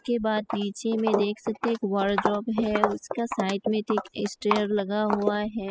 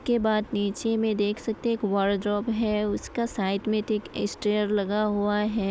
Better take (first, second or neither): second